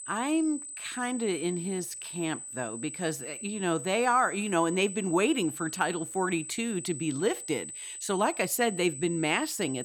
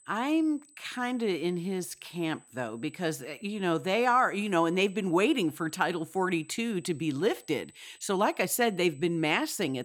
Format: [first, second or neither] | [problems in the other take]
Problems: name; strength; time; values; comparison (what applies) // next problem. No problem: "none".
second | high-pitched whine; loud; throughout; 8 kHz, 9 dB below the speech; faint in the second